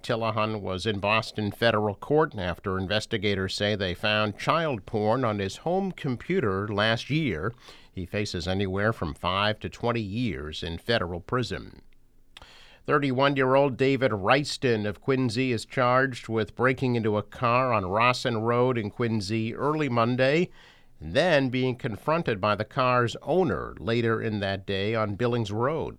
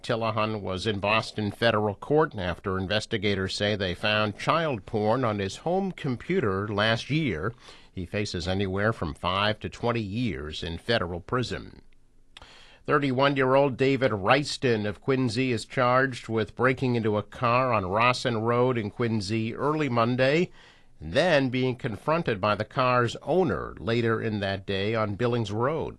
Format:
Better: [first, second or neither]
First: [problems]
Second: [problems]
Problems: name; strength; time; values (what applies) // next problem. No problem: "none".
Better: first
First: none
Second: garbled, watery; slightly